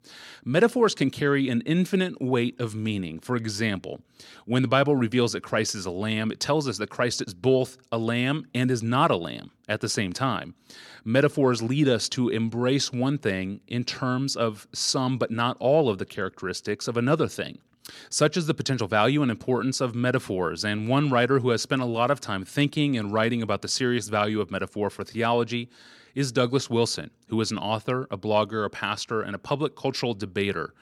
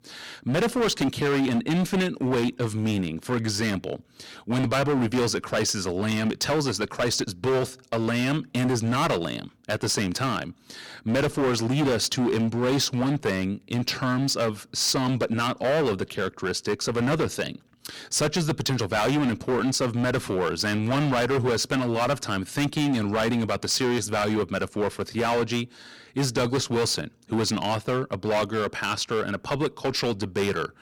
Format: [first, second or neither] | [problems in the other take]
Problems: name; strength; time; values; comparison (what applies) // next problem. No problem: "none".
first | distortion; heavy; 17% of the sound clipped